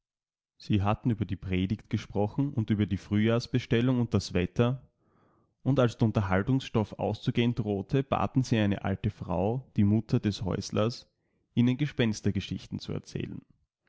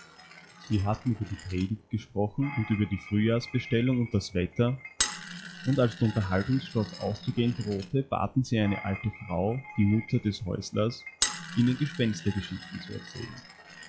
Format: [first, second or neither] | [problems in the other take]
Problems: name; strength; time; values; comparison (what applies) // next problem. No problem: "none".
first | noise reduction (classical method log-MMSE)